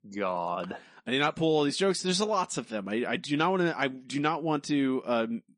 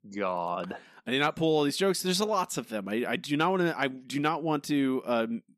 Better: second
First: garbled, watery; slightly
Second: none

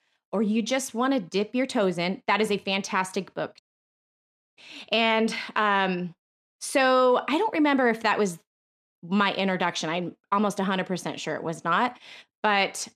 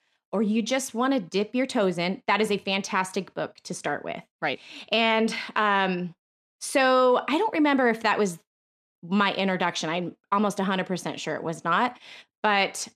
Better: second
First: audio cutting out; at 3.5 s for 1 s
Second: none

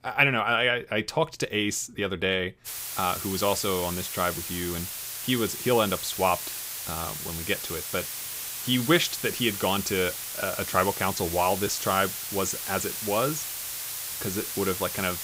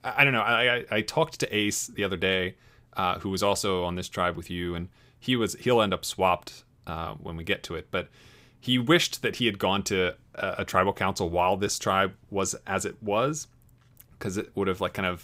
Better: second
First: hiss; loud; from 2.5 s on; 5 dB below the speech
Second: none

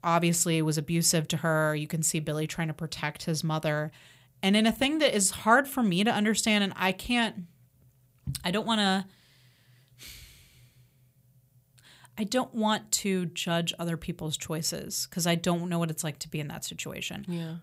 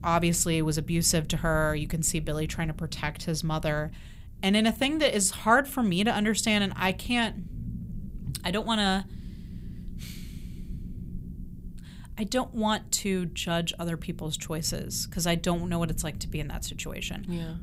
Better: first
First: none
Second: low rumble; faint; throughout; 25 dB below the speech

